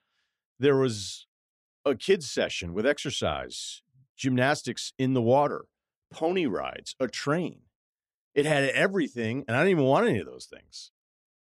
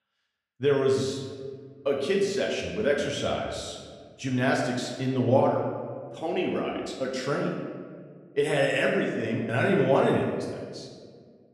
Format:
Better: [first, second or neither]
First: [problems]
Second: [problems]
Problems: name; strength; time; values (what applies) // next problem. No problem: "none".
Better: first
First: none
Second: room echo; noticeable; dies away in 1.3 s // off-mic speech; somewhat distant